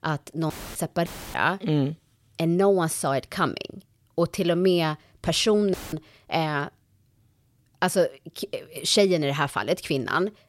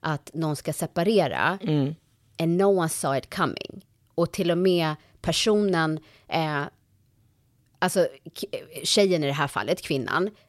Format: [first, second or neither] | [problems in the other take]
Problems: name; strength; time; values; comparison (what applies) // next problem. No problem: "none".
second | audio cutting out; filled with static; at 0.5 s, at 1 s and at 5.5 s